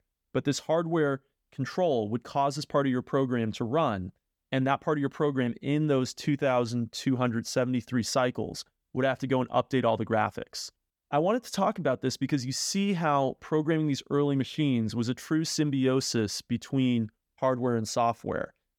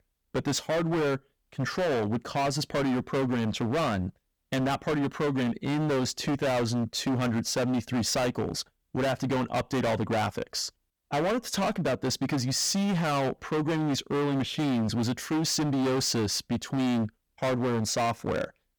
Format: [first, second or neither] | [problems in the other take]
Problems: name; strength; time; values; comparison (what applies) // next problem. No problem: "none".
first | distortion; heavy; 27% of the sound clipped